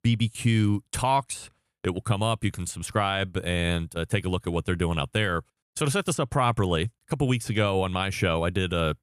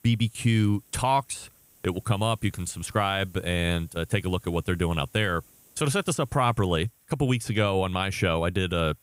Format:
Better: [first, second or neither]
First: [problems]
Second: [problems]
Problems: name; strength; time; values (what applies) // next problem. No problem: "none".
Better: first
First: none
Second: hiss; faint; throughout; 30 dB below the speech